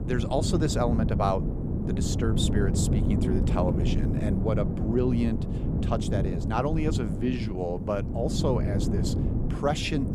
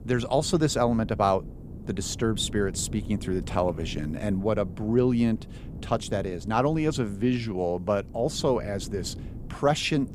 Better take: second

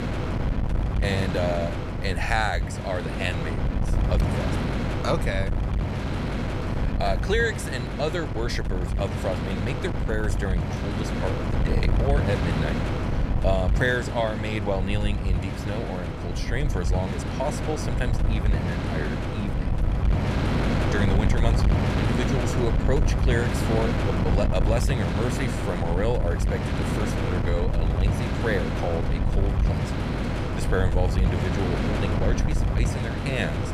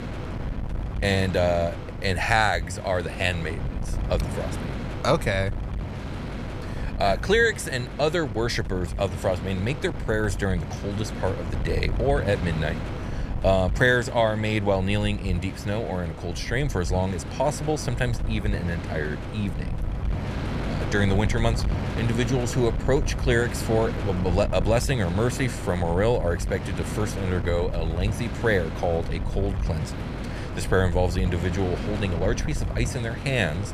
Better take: second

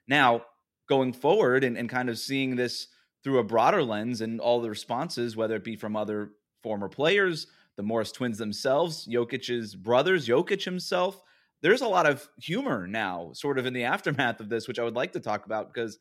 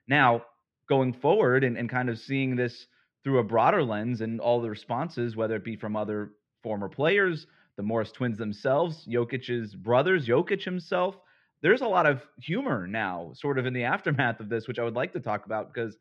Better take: first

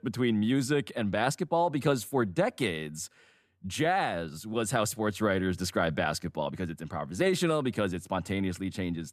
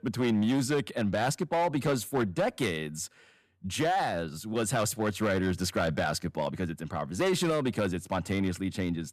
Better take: first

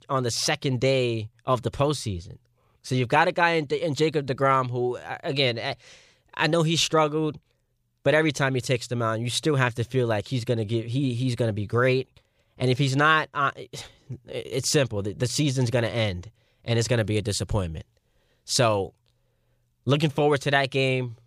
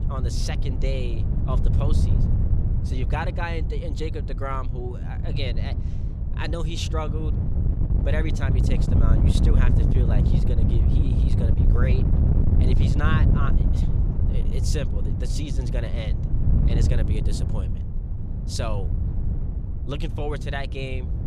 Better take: first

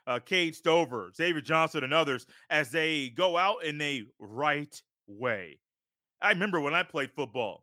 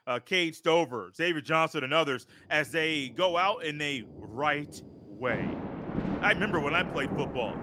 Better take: first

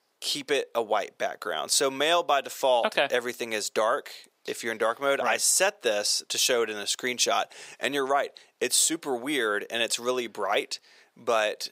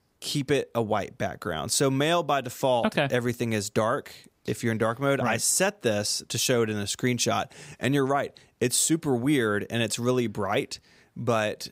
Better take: second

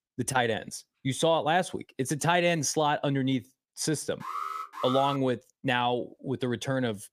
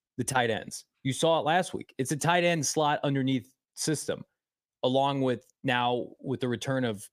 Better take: second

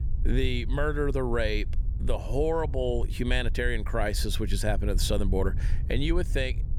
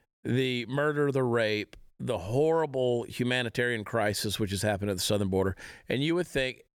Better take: second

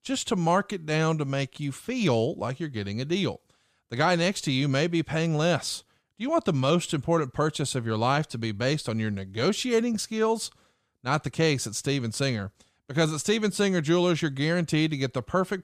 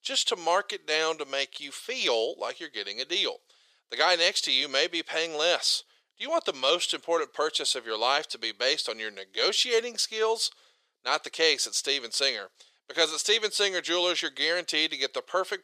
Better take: first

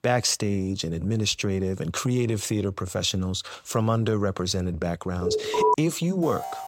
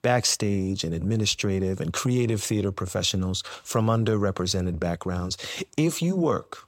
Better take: second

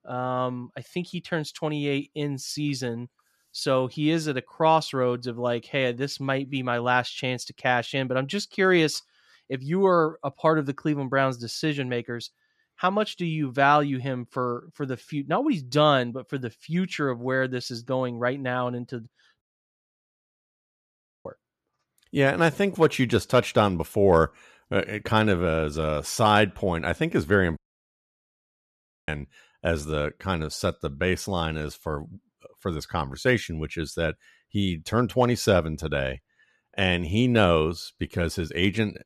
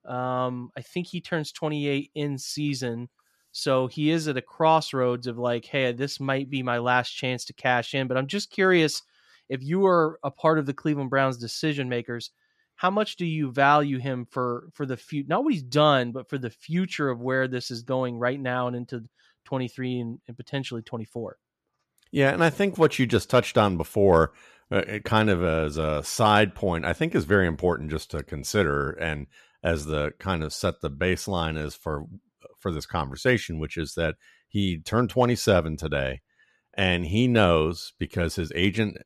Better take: second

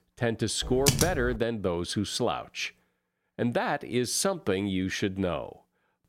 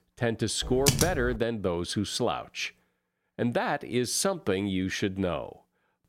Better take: neither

